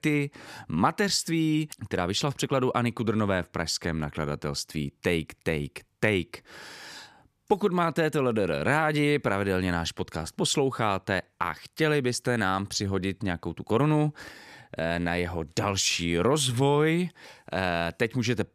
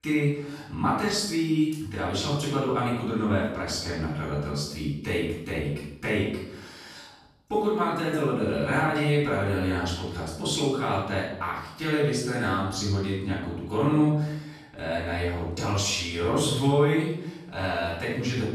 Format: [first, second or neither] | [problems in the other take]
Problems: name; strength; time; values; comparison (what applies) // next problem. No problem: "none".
first | off-mic speech; far // room echo; noticeable; dies away in 0.7 s